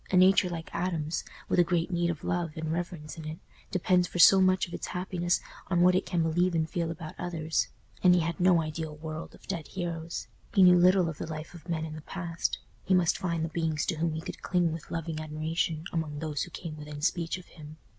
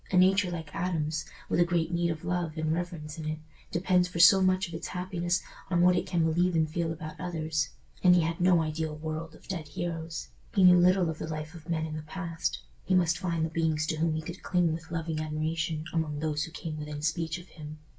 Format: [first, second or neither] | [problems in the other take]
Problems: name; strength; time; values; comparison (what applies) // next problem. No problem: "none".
first | room echo; dies away in 0.2 s